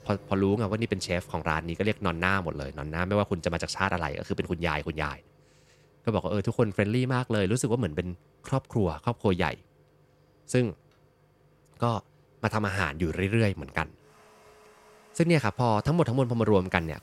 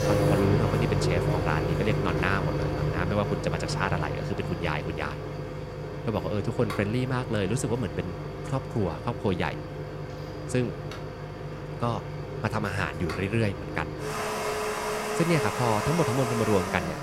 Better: first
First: household noises; faint; throughout; 30 dB below the speech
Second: household noises; loud; throughout; 2 dB below the speech

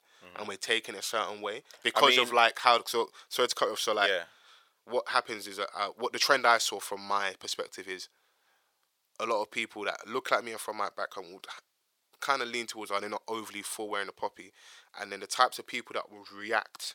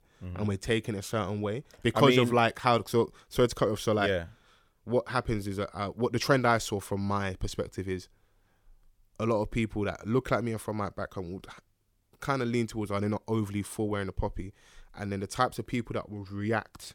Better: second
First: thin; very; fading below 700 Hz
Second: none

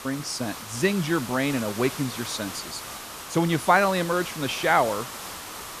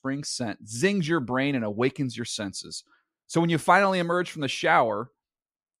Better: second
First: hiss; noticeable; throughout; 10 dB below the speech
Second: none

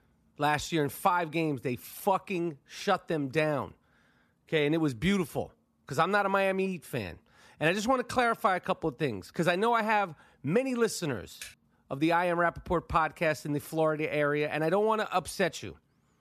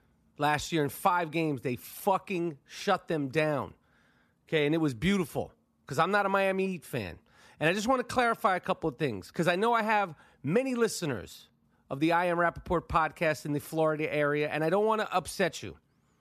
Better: second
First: keyboard typing; faint; at 11 s; peak 15 dB below the speech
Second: none

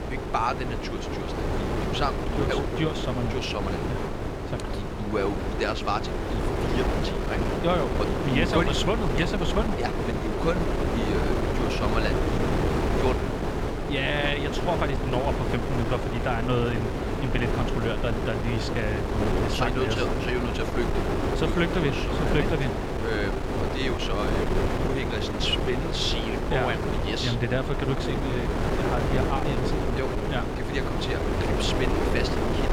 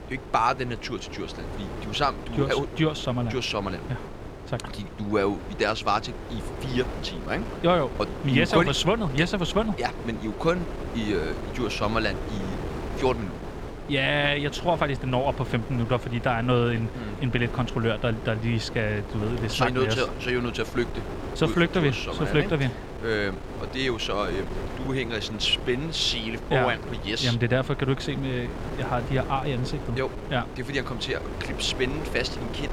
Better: second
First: wind noise on the microphone; heavy; 1 dB below the speech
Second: wind noise on the microphone; occasional gusts; 10 dB below the speech

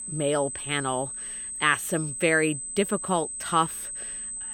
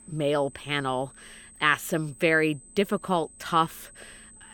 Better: second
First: high-pitched whine; loud; throughout; 8 kHz, 6 dB below the speech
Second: high-pitched whine; faint; throughout; 8 kHz, 20 dB below the speech

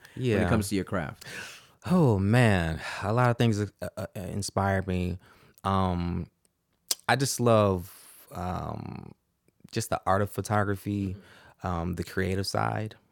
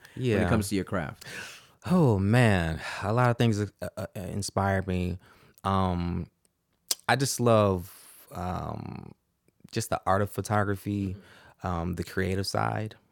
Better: neither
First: none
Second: none

